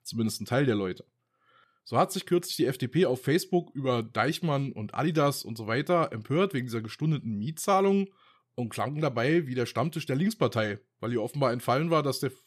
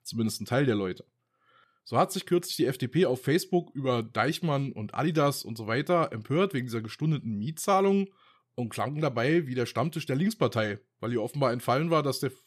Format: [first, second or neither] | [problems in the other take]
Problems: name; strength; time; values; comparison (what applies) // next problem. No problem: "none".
neither | none